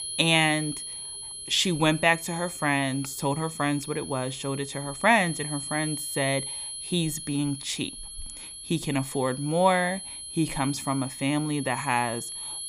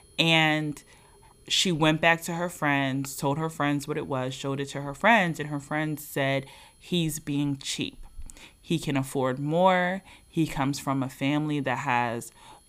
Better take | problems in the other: second | high-pitched whine; loud; throughout; 10.5 kHz, 9 dB below the speech; faint in the second

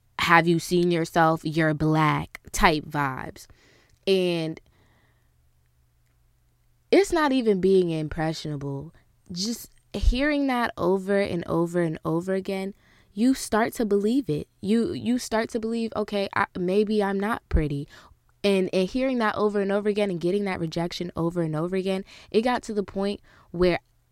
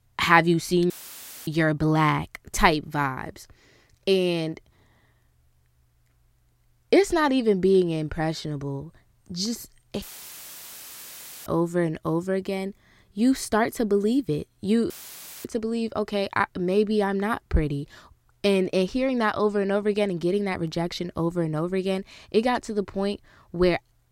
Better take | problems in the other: first | audio cutting out; filled with static; at 1 s for 0.5 s, at 10 s for 1.5 s and at 15 s for 0.5 s

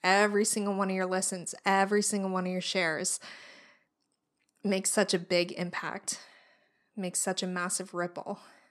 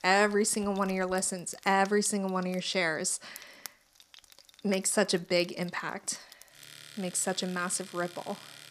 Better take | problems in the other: first | household noises; faint; throughout; 20 dB below the speech

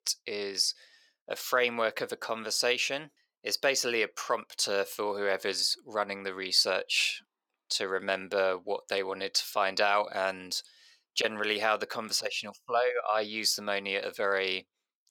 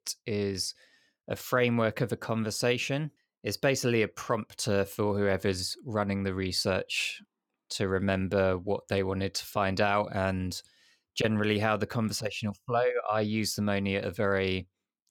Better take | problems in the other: second | thin; very; fading below 500 Hz

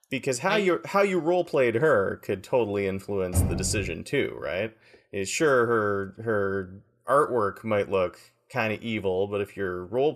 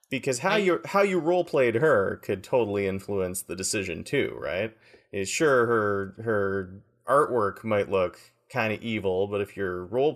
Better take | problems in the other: second | door banging; noticeable; at 3.5 s; peak 1 dB below the speech

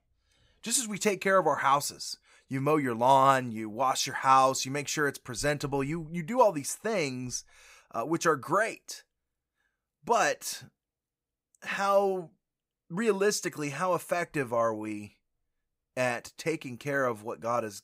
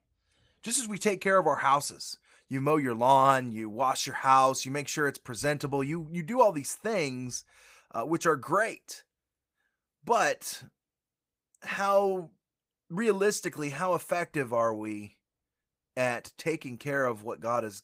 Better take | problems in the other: first | garbled, watery; slightly; nothing above 15.5 kHz

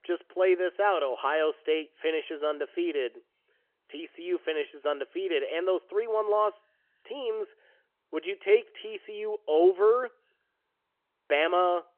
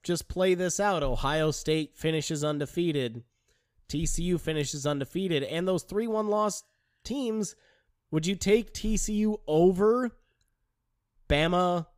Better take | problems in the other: second | phone-call audio; nothing above 3 kHz

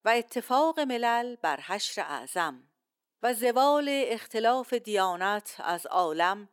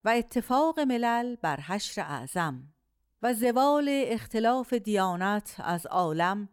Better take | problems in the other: second | thin; somewhat; fading below 300 Hz

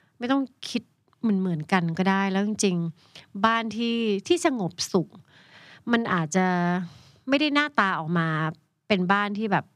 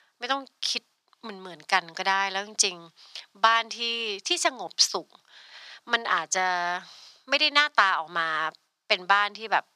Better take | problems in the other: first | thin; very; fading below 800 Hz

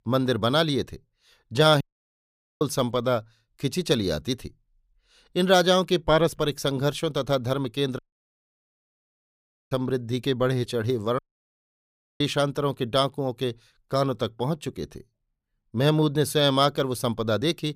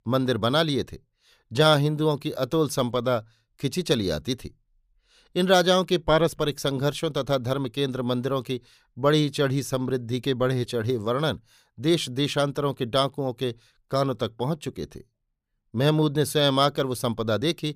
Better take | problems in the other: second | audio cutting out; at 2 s for 1 s, at 8 s for 1.5 s and at 11 s for 1 s

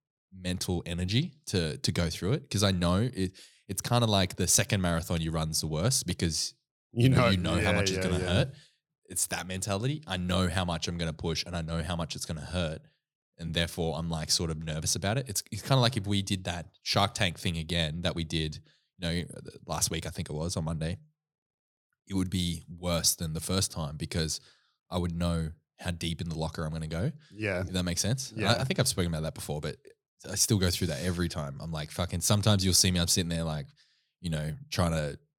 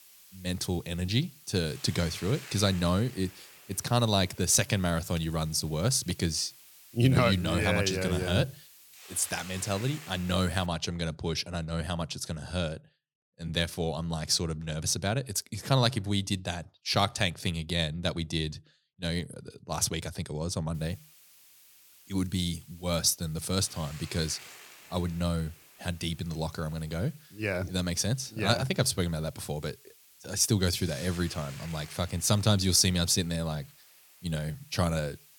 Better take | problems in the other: first | hiss; faint; until 11 s and from 21 s on; 20 dB below the speech

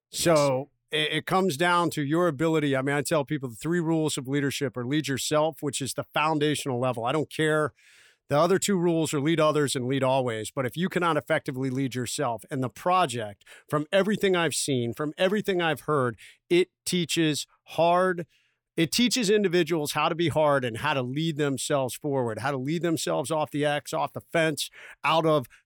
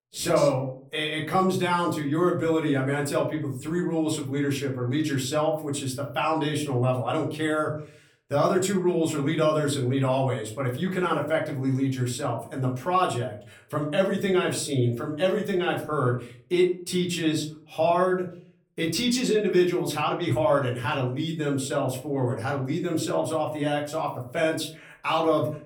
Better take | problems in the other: first | off-mic speech; far // room echo; slight; dies away in 0.4 s

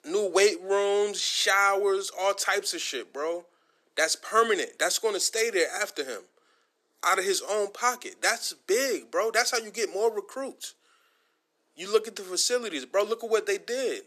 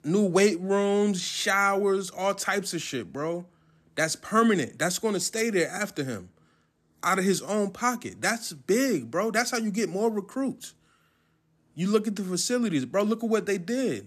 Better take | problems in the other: second | thin; very; fading below 400 Hz

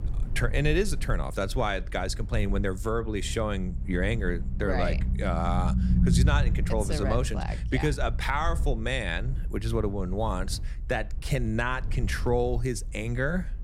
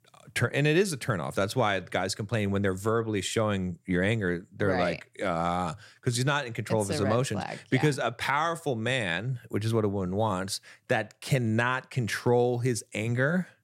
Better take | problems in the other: second | low rumble; noticeable; throughout; 15 dB below the speech

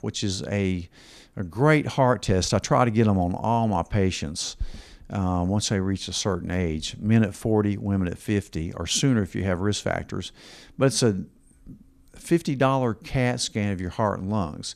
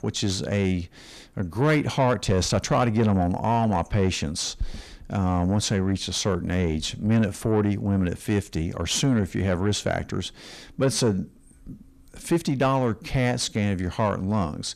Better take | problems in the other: first | distortion; slight; 10 dB below the speech

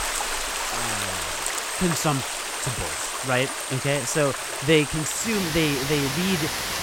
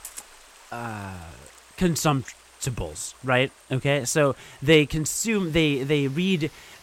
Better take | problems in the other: second | rain or running water; loud; throughout; 1 dB below the speech; faint in the second

